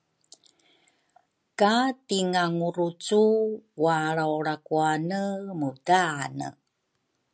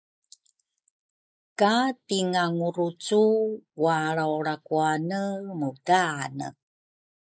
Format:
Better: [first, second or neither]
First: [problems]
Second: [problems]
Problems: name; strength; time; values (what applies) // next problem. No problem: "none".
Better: first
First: none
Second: noise reduction (neural mask model Resemble Enhance denoiser)